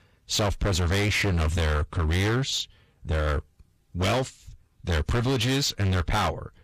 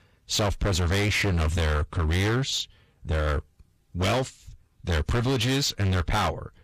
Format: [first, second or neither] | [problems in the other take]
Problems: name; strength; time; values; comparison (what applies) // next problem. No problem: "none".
neither | distortion; heavy; 25% of the sound clipped; the same in both